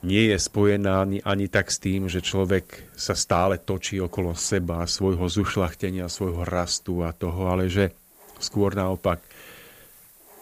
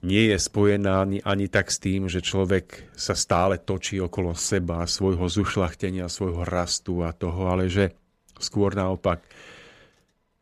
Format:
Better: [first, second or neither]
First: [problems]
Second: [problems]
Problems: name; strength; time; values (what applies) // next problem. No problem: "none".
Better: second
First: hiss; faint; throughout; 25 dB below the speech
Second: none